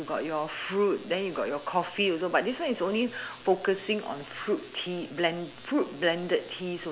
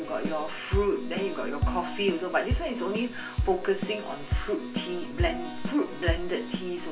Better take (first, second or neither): first